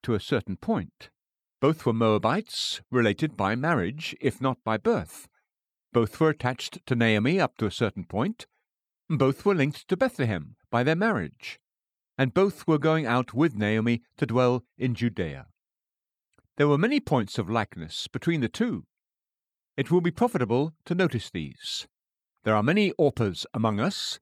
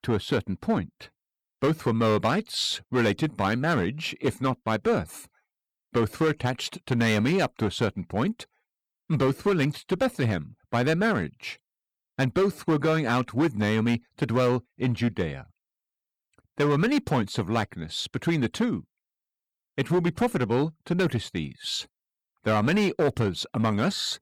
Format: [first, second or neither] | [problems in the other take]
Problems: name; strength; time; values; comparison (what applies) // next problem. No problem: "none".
first | distortion; slight; 7% of the sound clipped